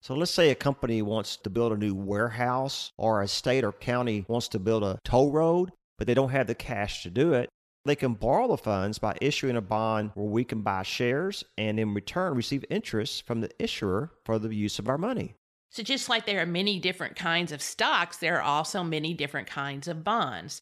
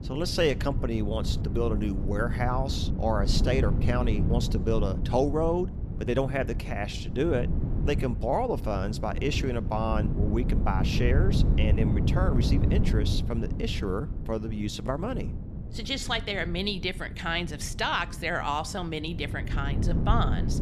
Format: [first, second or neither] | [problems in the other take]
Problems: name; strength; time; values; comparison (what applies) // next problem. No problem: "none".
first | wind noise on the microphone; heavy; 10 dB below the speech